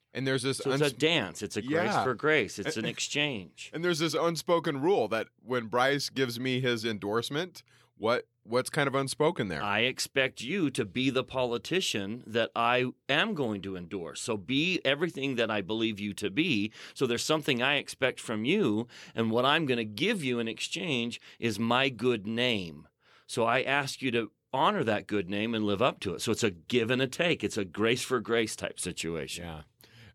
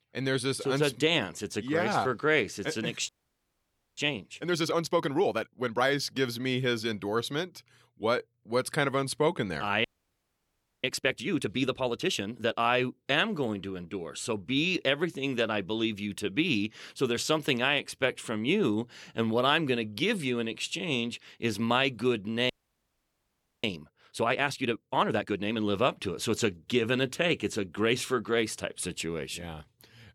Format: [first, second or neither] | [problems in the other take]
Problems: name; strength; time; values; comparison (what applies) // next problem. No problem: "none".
first | audio freezing; at 3 s for 1 s, at 10 s for 1 s and at 23 s for 1 s